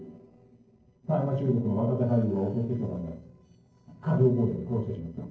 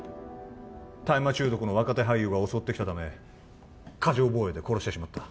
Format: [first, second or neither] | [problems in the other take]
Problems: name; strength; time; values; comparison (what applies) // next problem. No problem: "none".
second | noise reduction (neural separator model SepFormer DNS4)